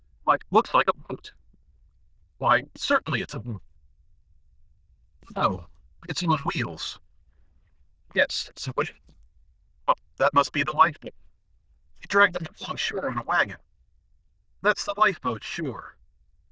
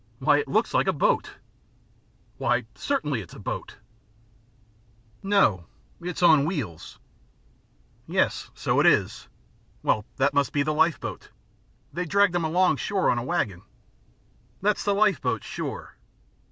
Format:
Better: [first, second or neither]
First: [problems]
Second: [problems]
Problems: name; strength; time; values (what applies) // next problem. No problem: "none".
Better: second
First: noise reduction (neural diffusion model UNIVERSE++)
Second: none